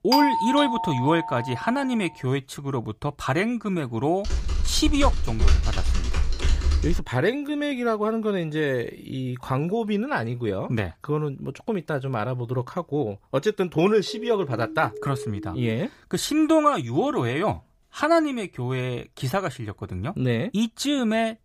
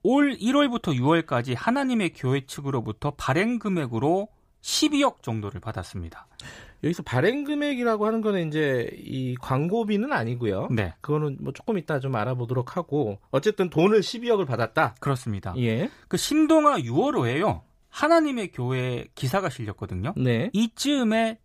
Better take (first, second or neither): second